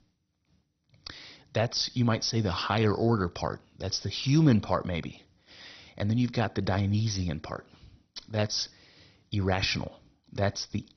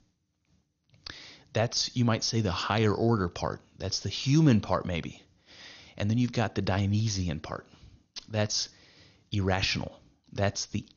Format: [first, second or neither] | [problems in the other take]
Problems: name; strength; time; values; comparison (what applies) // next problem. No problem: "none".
second | garbled, watery; badly; nothing above 6 kHz; slightly in the second